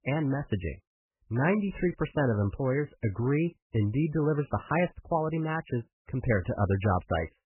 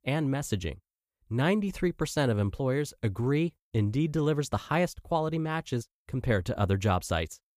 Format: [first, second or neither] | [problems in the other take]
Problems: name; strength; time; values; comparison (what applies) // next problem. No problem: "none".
second | garbled, watery; badly; nothing above 3 kHz